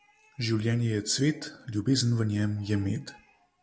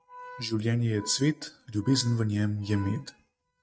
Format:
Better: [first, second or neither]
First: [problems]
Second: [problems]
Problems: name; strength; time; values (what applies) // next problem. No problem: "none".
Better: first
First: none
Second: noise reduction (neural mask model RNNoise)